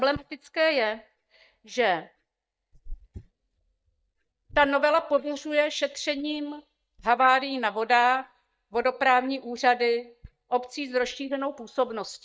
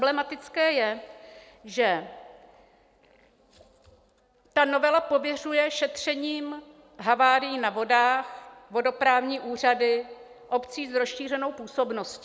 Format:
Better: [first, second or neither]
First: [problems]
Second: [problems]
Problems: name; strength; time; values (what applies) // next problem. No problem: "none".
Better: second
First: noise reduction (neural mask model DeepFilterNet 3)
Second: none